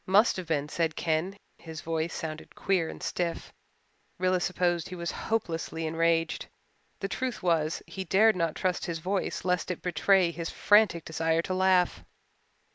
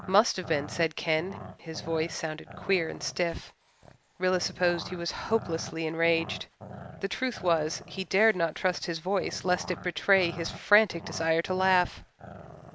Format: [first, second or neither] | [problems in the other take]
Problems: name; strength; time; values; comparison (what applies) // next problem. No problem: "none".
first | background sound (Growling); 16 dB below the speech